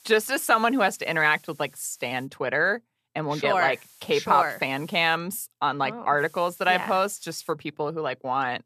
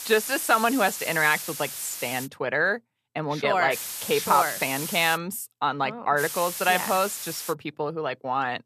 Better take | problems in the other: first | hiss; loud; until 2.5 s, from 3.5 to 5 s and from 6 to 7.5 s; 7 dB below the speech; faint in the first

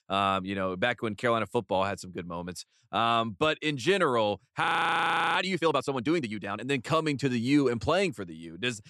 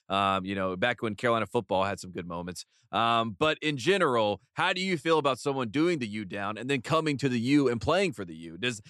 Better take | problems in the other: second | audio freezing; at 4.5 s for 0.5 s

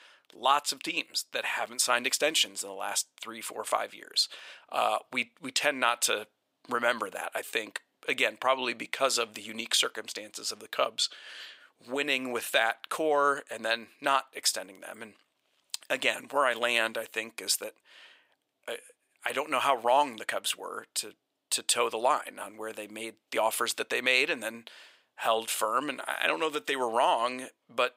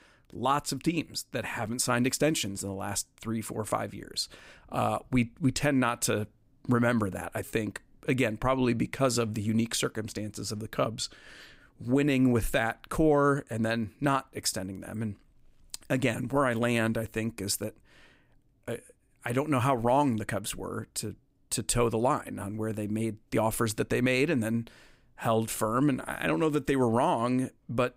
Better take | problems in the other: second | thin; very; fading below 700 Hz

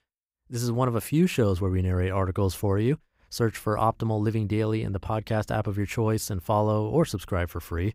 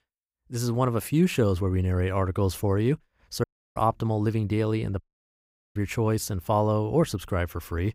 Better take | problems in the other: first | audio cutting out; at 3.5 s and at 5 s for 1 s

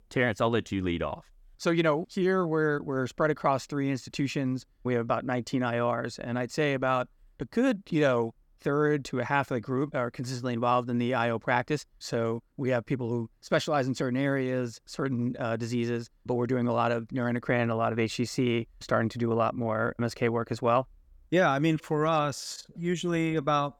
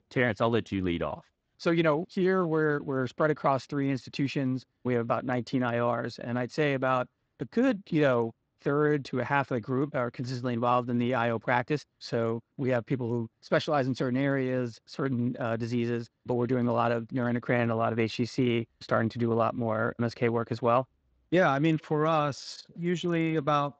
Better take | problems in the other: first | garbled, watery; slightly; nothing above 7.5 kHz

